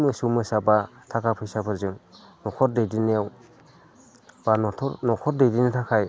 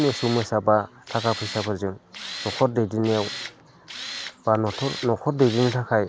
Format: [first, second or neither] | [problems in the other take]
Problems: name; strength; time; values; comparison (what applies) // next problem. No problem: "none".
first | background sound (Tools); 12 dB below the speech